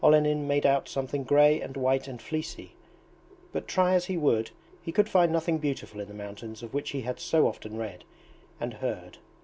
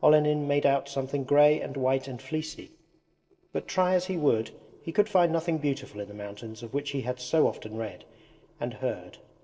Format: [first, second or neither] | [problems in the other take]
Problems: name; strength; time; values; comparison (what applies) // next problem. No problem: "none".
first | noise reduction (neural separator model SepFormer DNS4)